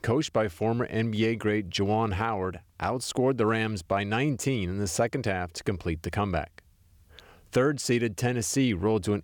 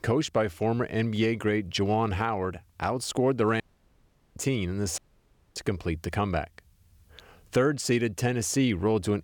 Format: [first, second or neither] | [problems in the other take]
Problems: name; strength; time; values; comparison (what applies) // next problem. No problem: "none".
first | audio cutting out; at 3.5 s for 1 s and at 5 s for 0.5 s